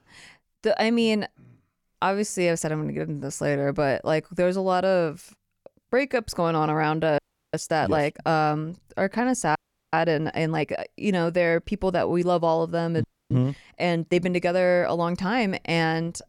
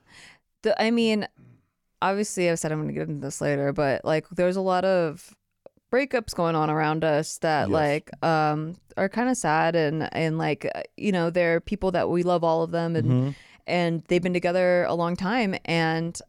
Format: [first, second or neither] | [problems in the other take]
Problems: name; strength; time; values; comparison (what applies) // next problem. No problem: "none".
second | audio freezing; at 7 s, at 9.5 s and at 13 s